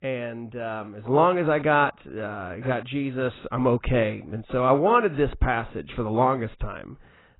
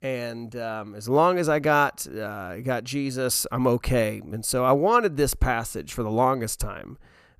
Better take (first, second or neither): second